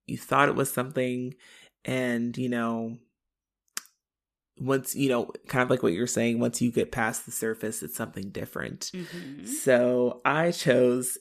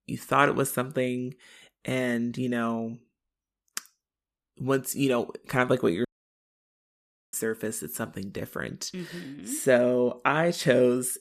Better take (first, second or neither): first